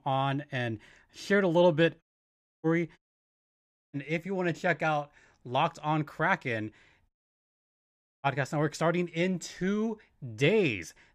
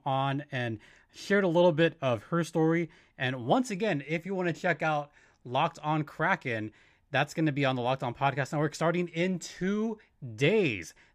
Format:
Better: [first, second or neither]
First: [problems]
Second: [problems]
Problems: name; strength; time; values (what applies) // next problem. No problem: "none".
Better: second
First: audio cutting out; at 2 s for 0.5 s, at 3 s for 1 s and at 7 s for 1 s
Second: none